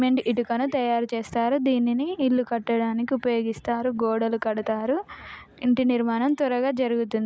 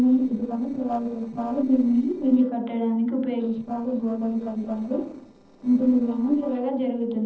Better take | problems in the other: first | noise reduction (neural separator model SepFormer DNS4)

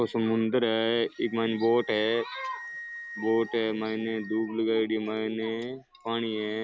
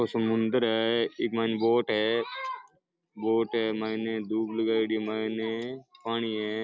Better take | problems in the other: second | background sound (Wind instrument, woodwind instrument); 18 dB below the speech

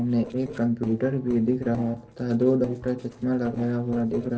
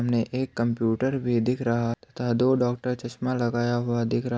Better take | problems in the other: second | noise reduction (neural separator model SepFormer DNS4)

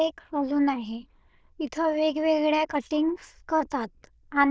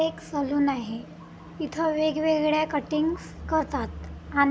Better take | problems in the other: second | noise reduction (neural diffusion model UNIVERSE++)

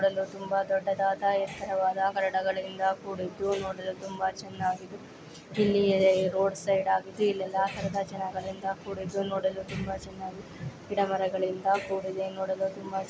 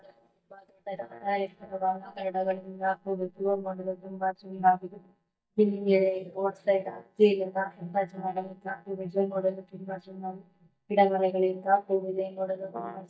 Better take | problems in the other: first | noise reduction (neural mask model DeepFilterNet 3)

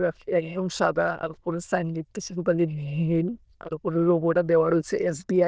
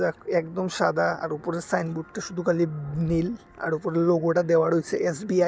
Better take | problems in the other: second | noise reduction (neural diffusion model UNIVERSE++)

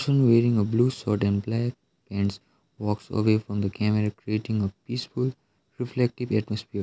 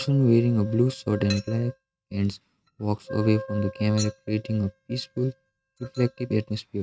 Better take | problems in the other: first | noise reduction (neural mask model RNNoise)

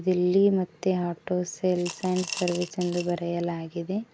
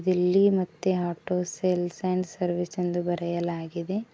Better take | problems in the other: second | background sound (Coin (dropping) / Glass); 12 dB below the speech

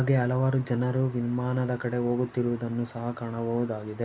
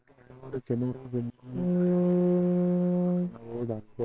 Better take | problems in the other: first | noise reduction (neural separator model SepFormer WHAMR!)

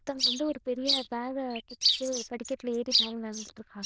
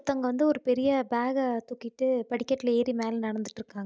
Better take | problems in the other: second | noise reduction (neural diffusion model UNIVERSE++)

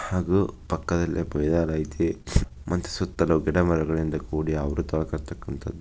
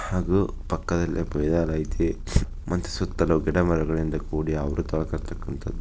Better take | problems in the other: first | background sound (Purr); 7 dB below the speech

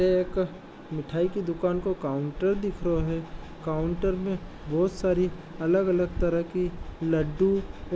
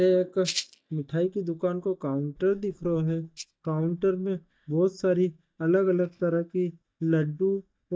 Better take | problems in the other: first | noise reduction (neural mask model DeepFilterNet 3)

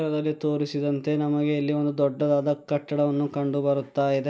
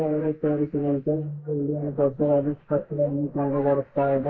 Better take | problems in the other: first | noise reduction (neural mask model Resemble Enhance denoiser)

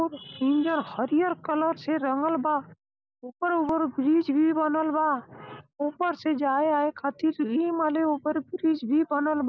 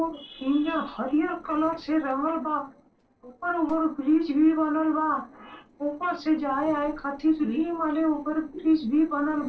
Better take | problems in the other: first | noise reduction (neural separator model SepFormer DNS4)

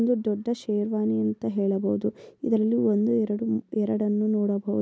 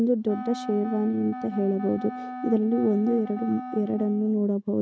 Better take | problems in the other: first | noise reduction (neural mask model RNNoise)

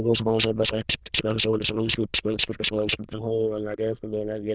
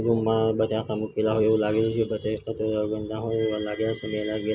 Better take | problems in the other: second | noise reduction (neural diffusion model UNIVERSE++)

